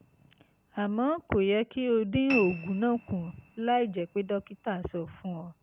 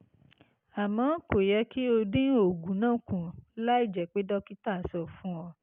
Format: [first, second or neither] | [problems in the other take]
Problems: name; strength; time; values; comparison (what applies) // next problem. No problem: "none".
second | background sound (Piano); 15 dB below the speech